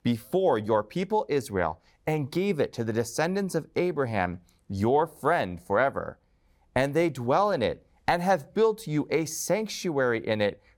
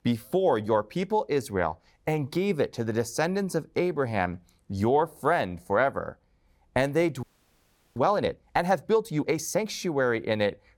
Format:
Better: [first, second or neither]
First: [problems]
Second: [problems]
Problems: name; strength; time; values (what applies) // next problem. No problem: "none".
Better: first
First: none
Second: audio freezing; at 7 s for 0.5 s